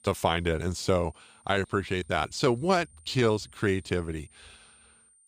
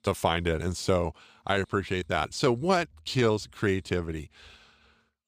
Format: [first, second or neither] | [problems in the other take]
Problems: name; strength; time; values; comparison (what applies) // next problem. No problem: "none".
second | high-pitched whine; faint; throughout; 9 kHz, 30 dB below the speech